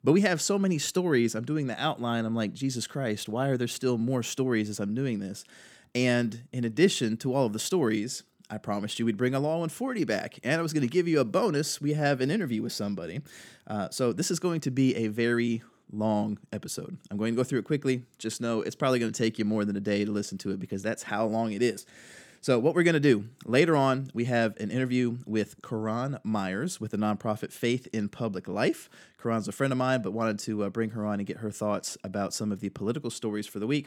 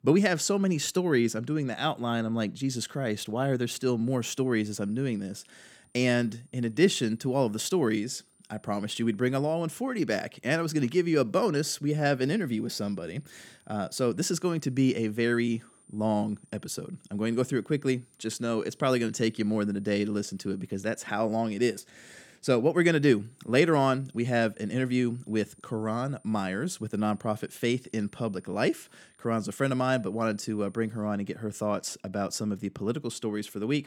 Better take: first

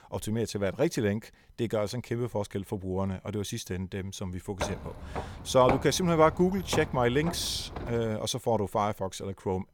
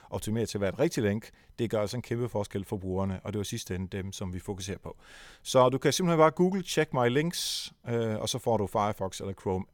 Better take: second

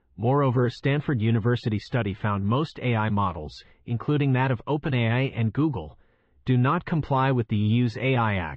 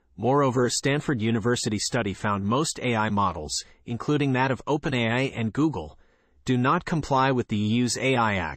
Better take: second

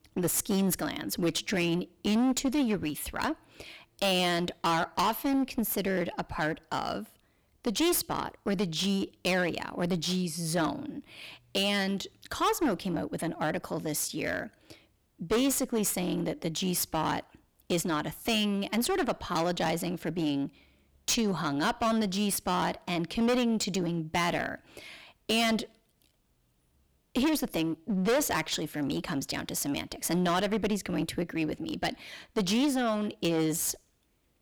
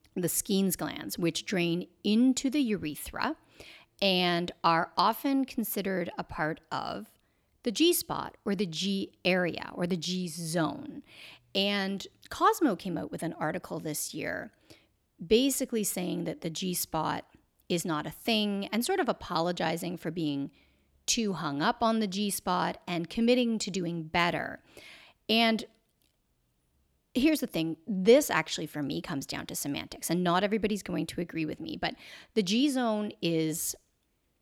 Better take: second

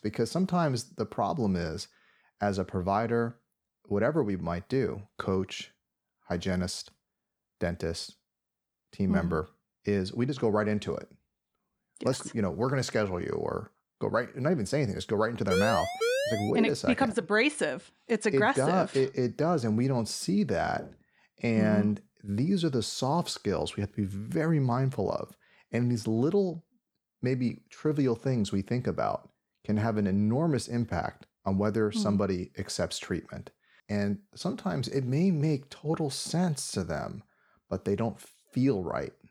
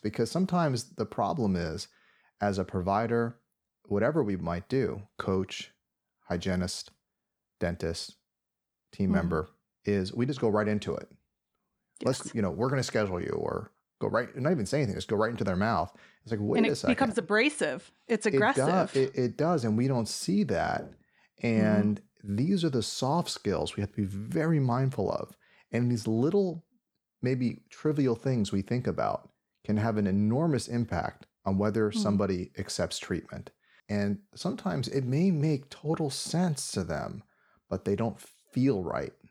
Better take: second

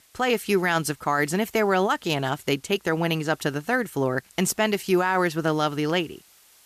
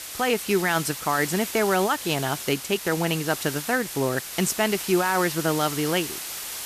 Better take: first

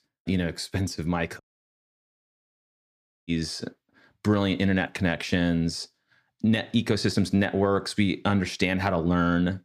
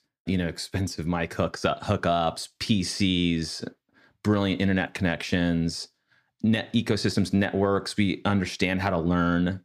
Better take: second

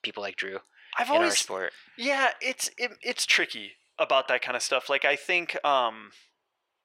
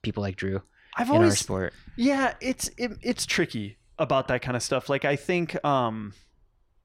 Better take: second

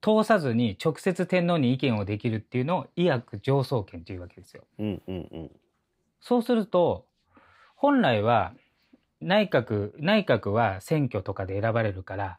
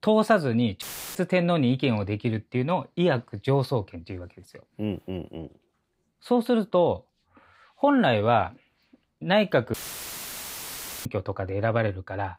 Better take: first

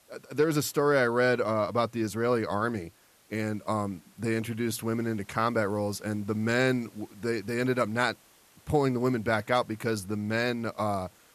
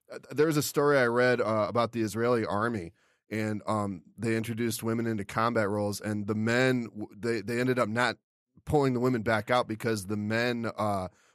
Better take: second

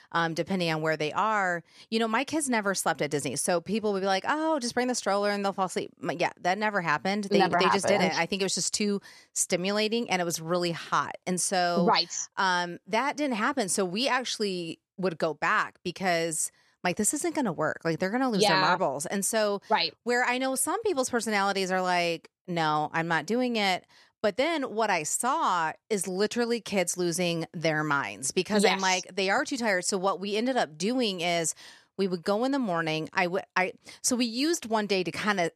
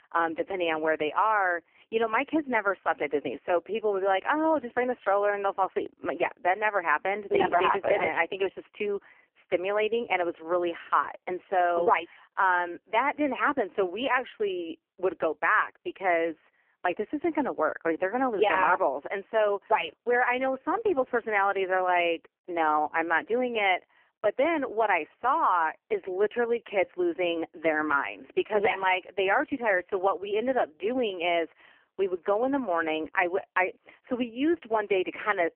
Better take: first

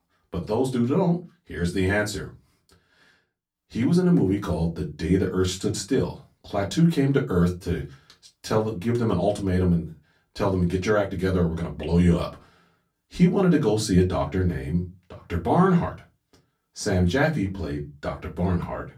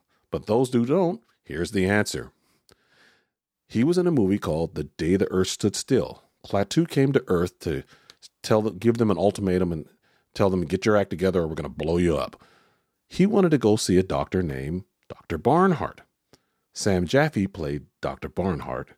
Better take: second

